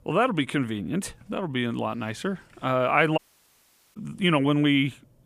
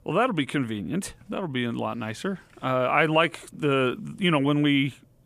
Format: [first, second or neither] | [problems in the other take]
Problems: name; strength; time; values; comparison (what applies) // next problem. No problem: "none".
second | audio cutting out; at 3 s for 1 s